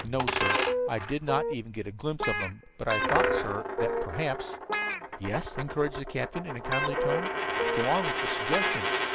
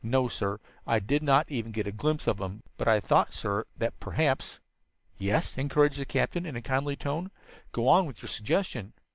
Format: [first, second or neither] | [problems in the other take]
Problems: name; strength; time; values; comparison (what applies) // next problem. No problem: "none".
second | background sound (Guitar + Coin (dropping)); 2 dB above the speech